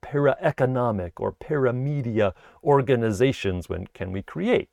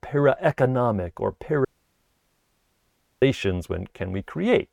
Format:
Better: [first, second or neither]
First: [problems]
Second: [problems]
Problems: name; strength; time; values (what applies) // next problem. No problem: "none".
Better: first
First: none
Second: audio cutting out; at 1.5 s for 1.5 s